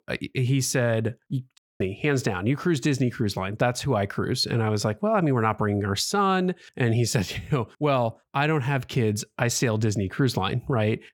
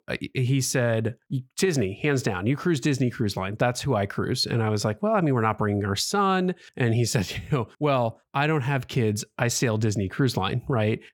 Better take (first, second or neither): second